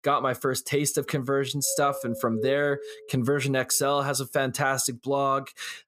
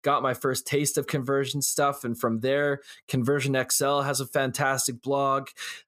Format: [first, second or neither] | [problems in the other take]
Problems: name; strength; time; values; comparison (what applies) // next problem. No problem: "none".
second | doorbell; noticeable; from 1.5 to 3 s; peak 7 dB below the speech